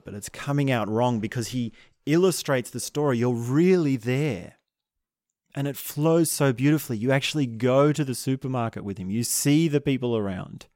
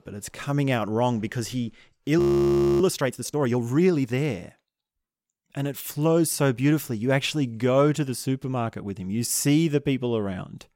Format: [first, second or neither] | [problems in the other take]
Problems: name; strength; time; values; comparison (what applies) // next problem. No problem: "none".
first | audio freezing; at 2 s for 0.5 s